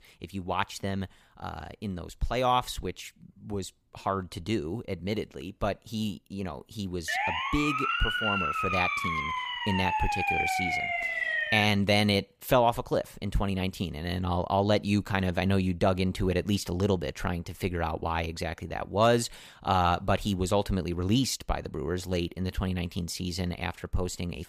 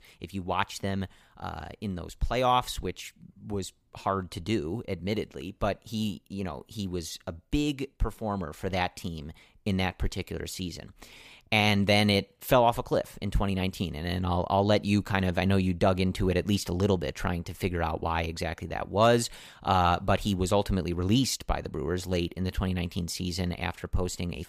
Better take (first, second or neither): second